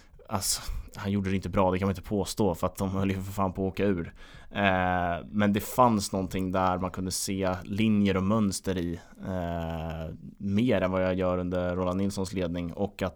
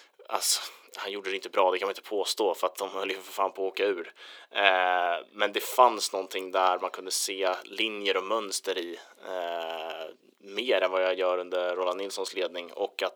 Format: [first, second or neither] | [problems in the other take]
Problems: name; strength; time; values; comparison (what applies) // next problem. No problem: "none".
first | thin; very; fading below 350 Hz